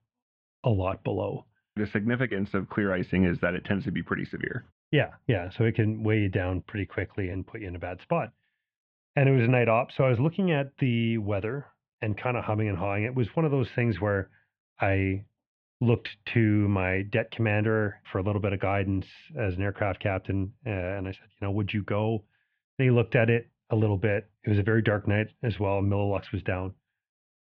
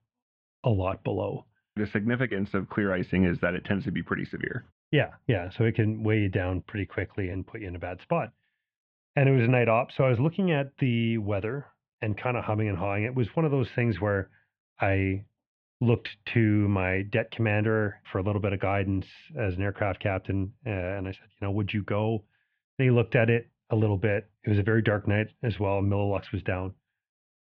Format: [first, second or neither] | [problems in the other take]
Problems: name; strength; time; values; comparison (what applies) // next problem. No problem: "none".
neither | muffled; very; fading above 3 kHz; the same in both